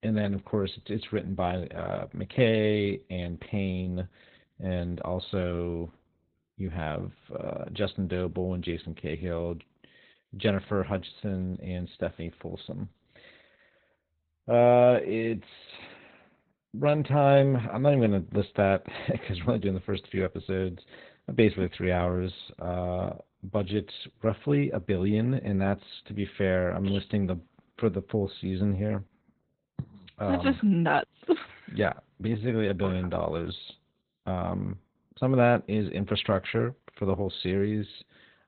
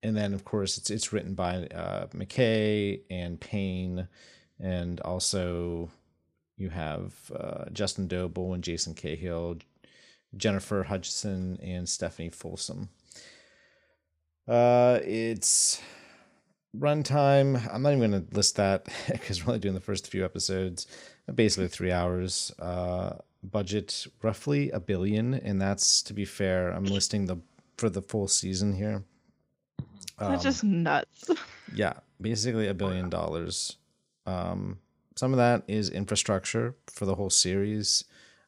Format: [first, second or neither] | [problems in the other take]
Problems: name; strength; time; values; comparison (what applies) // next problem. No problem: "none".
second | garbled, watery; badly; nothing above 4 kHz